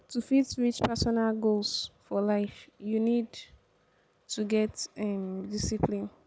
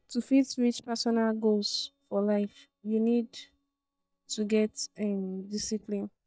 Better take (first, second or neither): first